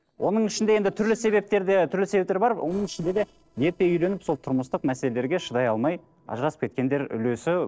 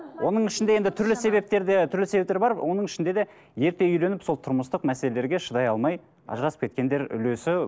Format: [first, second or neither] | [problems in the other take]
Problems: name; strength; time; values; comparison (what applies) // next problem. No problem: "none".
second | noise reduction (neural separator model SepFormer DNS4)